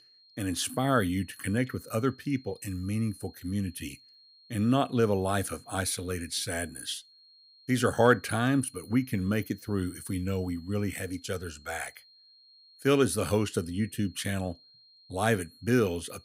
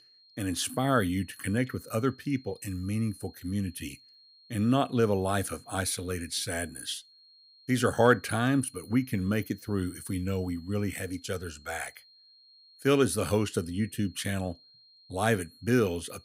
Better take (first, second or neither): neither